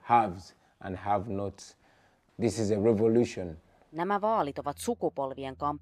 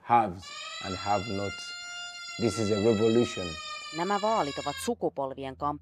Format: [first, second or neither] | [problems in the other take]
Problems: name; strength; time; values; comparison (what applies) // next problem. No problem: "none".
first | siren; noticeable; until 5 s; peak 7 dB below the speech